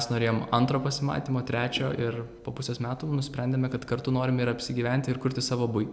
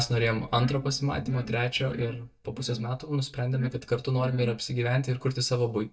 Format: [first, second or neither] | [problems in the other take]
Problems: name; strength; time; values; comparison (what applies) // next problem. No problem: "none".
first | noise reduction (neural mask model DeepFilterNet 3)